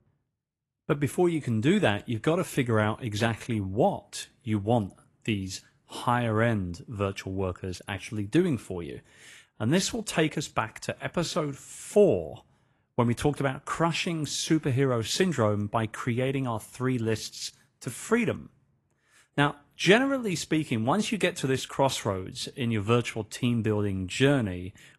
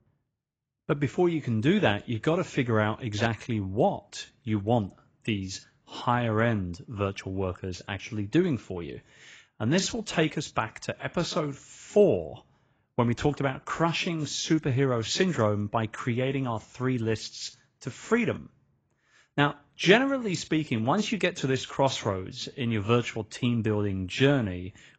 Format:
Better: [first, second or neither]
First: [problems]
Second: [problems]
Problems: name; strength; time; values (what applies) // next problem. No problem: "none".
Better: first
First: garbled, watery; slightly; nothing above 12 kHz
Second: garbled, watery; badly; nothing above 7.5 kHz